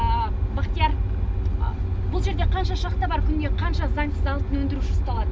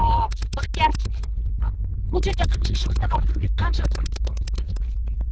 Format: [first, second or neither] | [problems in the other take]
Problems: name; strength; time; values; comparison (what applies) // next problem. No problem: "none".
first | noise reduction (neural diffusion model UNIVERSE++)